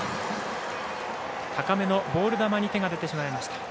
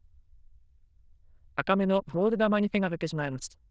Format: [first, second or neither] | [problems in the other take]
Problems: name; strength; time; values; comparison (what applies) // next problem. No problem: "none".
first | noise reduction (neural diffusion model UNIVERSE++)